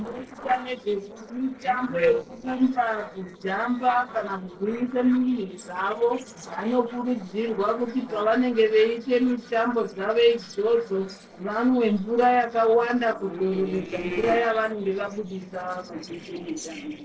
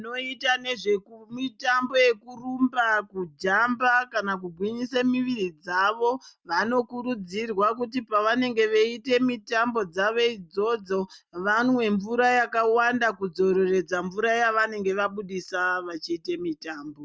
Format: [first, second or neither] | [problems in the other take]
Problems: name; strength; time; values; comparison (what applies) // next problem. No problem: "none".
second | noise reduction (neural separator model SepFormer DNS4)